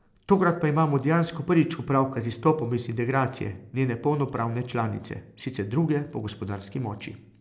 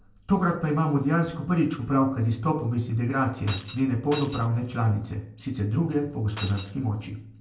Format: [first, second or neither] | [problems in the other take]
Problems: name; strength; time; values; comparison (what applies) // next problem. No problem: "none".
first | background sound (Shatter); 13 dB below the speech // room echo; dies away in 0.3 s